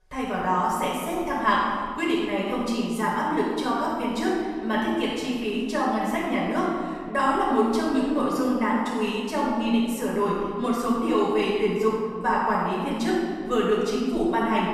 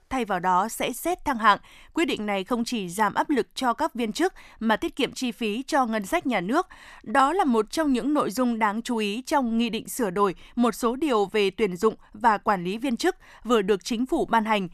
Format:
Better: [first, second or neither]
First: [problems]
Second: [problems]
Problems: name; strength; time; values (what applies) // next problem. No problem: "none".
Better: second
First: off-mic speech; far // room echo; strong; dies away in 1.9 s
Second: none